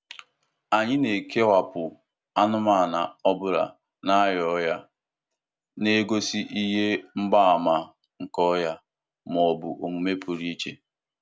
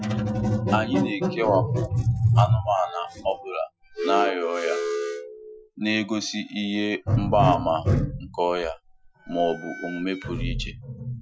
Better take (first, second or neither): first